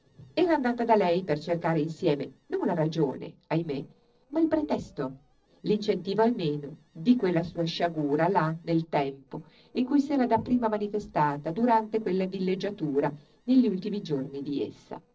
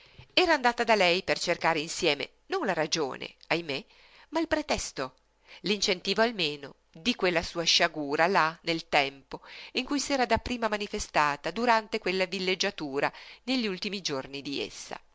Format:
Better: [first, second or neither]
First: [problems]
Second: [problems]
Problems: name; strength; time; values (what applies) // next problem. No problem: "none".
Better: second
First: noise reduction (neural separator model SepFormer DNS4)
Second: none